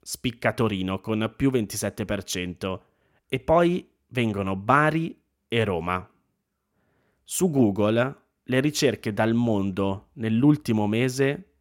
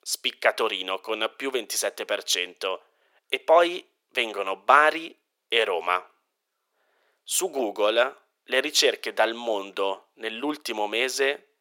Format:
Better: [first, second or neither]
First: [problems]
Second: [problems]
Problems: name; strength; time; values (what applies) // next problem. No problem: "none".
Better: first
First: none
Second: thin; very; fading below 450 Hz